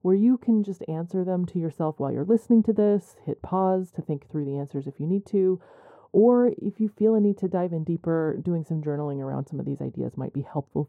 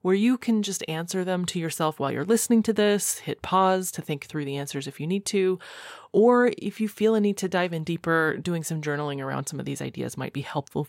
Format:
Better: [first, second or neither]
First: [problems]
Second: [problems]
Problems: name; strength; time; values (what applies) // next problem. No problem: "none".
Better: second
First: muffled; very; fading above 1 kHz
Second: none